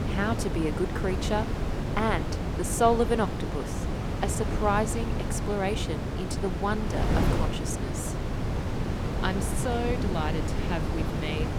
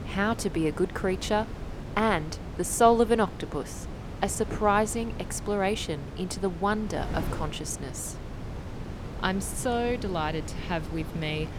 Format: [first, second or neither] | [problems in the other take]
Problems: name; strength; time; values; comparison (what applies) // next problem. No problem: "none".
second | wind noise on the microphone; heavy; 5 dB below the speech; occasional gusts in the second